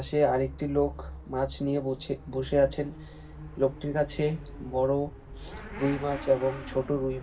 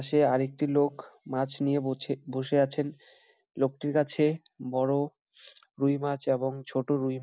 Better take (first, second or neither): second